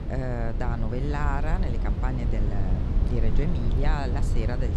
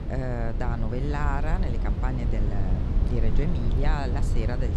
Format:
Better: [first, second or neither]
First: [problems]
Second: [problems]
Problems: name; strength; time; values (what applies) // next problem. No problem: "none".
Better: neither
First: low rumble; loud; throughout; 6 dB below the speech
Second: low rumble; loud; throughout; 6 dB below the speech